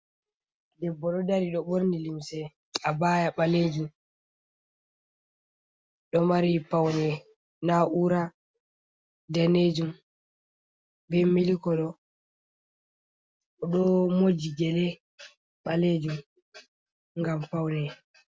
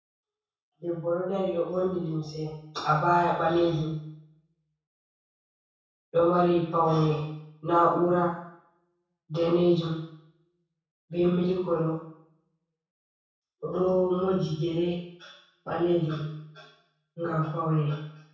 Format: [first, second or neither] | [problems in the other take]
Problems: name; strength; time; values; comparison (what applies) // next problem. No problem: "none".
first | room echo; dies away in 0.7 s